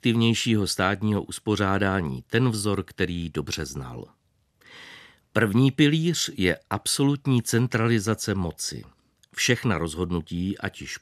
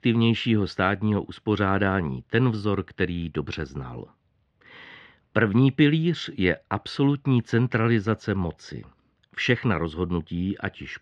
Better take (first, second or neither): first